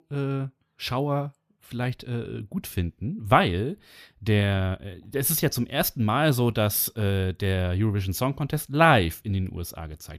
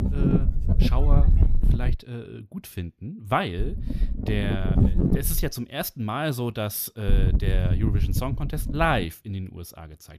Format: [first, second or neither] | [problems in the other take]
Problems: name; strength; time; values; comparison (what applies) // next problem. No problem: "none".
first | wind noise on the microphone; heavy; until 2 s, from 3.5 to 5.5 s and from 7 to 9 s; 6 dB below the speech